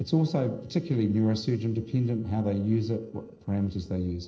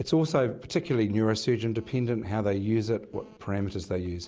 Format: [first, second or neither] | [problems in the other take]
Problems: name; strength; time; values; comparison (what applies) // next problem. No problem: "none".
second | noise reduction (neural separator model SepFormer DNS4)